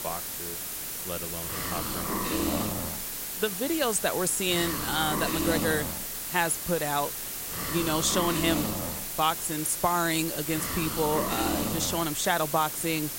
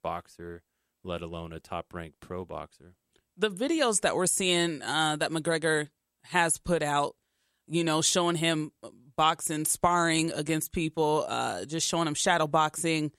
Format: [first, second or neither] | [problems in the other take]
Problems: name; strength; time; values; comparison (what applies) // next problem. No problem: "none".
second | hiss; loud; throughout; 2 dB below the speech